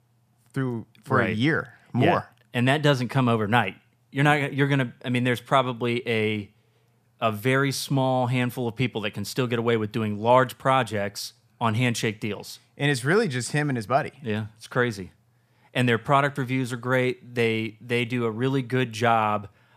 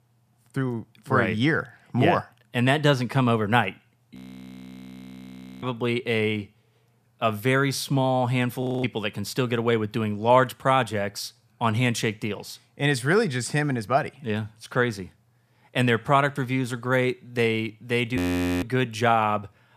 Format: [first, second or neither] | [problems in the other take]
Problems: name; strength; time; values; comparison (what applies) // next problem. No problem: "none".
first | audio freezing; at 4 s for 1.5 s, at 8.5 s and at 18 s